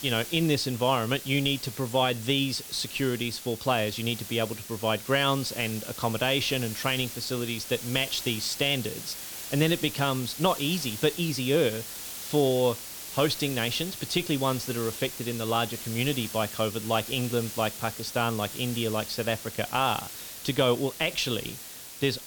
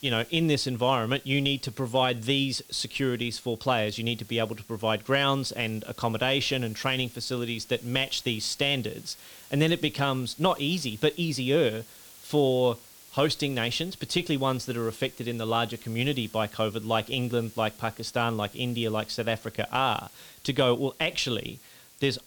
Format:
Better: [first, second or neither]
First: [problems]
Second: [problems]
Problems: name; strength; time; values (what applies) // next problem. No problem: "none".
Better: second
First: hiss; loud; throughout; 9 dB below the speech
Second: hiss; faint; throughout; 20 dB below the speech